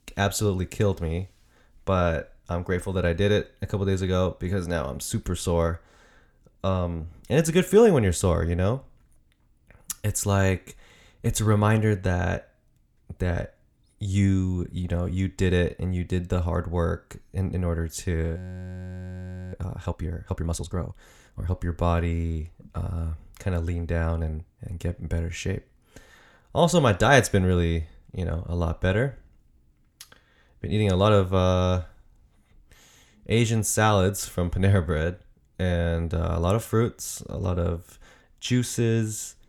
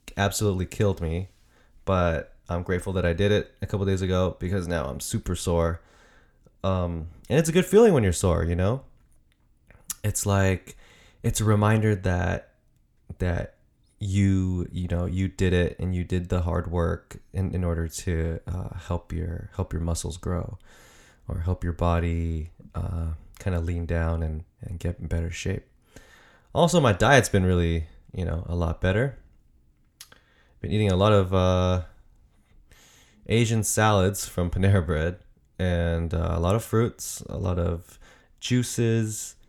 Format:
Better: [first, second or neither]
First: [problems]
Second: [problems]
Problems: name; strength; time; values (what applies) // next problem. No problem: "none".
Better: second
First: audio freezing; at 18 s for 1 s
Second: none